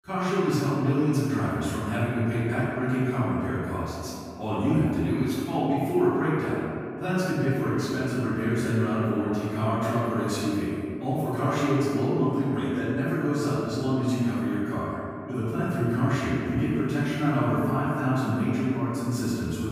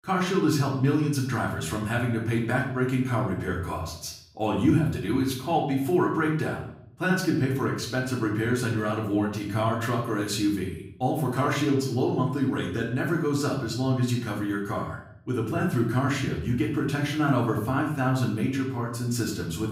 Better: second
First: room echo; strong; dies away in 2.5 s // off-mic speech; far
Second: room echo; slight; dies away in 0.6 s // off-mic speech; far

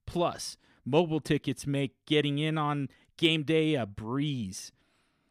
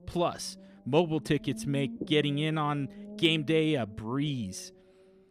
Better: first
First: none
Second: low rumble; noticeable; throughout; 20 dB below the speech

